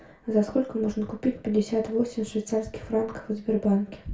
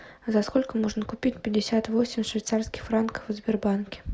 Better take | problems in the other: second | room echo; dies away in 0.3 s

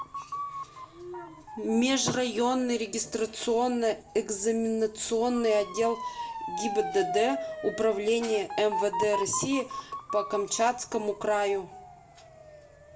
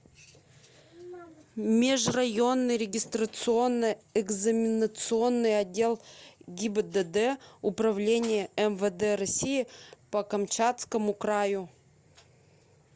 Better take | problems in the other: second | background sound (Motor vehicle (road) / Siren); 9 dB below the speech // room echo; dies away in 0.3 s

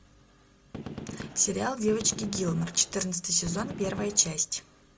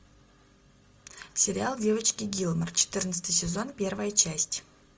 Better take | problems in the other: second | background sound (Gunshot, gunfire); 11 dB below the speech

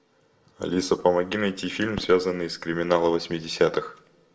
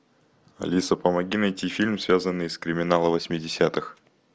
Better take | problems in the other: second | background sound (Fireworks); 19 dB below the speech // room echo; dies away in 0.4 s

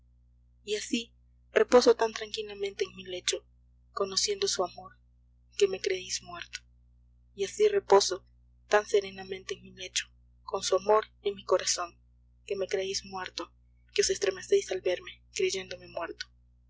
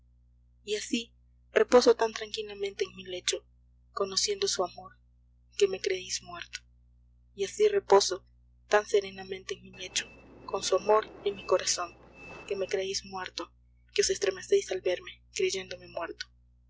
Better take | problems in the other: first | background sound (Train); 18 dB below the speech

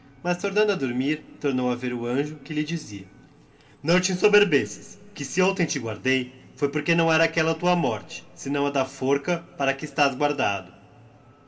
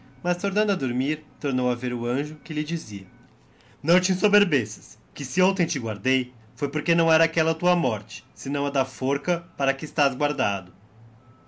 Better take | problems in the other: second | room echo; dies away in 2.1 s

